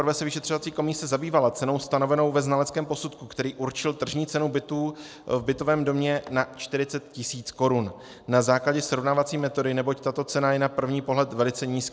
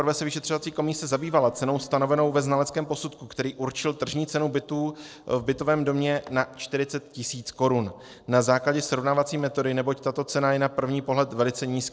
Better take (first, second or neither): first